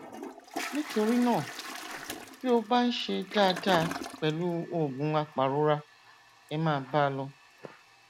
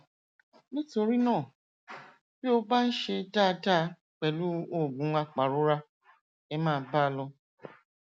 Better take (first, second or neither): second